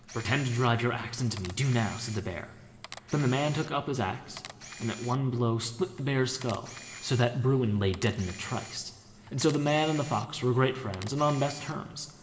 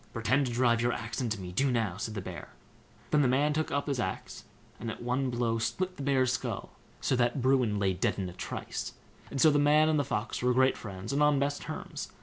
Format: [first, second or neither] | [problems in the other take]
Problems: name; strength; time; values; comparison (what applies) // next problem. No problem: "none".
second | background sound (Camera); 18 dB below the speech // room echo; dies away in 2.1 s